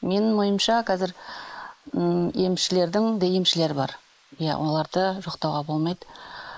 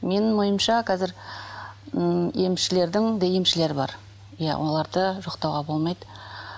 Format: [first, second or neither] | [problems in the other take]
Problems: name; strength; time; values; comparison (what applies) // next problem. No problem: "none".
second | noise reduction (neural mask model Resemble Enhance denoiser)